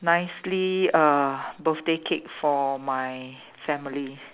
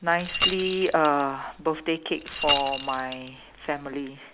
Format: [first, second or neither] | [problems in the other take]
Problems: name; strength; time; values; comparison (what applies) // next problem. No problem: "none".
first | background sound (Rattle / Keys jangling); 5 dB below the speech